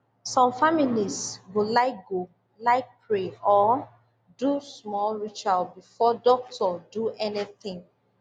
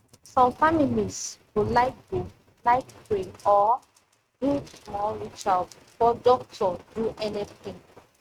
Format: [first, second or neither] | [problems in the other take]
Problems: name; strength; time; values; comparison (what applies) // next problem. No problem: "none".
first | noise reduction (neural mask model RNNoise)